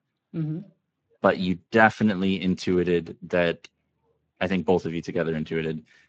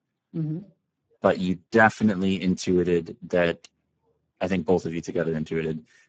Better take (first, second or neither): first